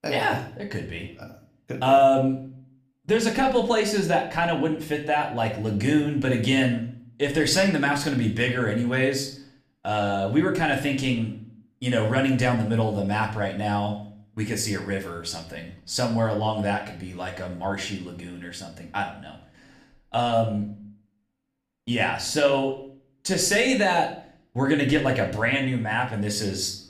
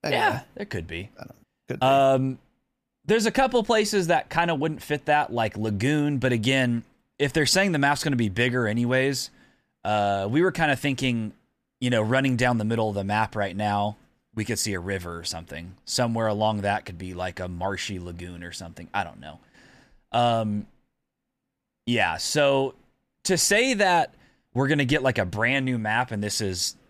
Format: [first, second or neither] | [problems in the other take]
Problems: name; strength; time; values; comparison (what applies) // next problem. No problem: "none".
second | room echo; slight; dies away in 0.4 s // off-mic speech; somewhat distant